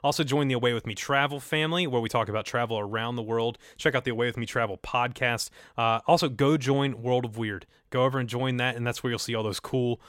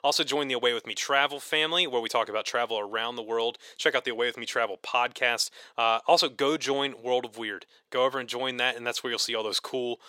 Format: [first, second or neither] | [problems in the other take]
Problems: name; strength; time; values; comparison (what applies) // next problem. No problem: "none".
first | thin; somewhat; fading below 450 Hz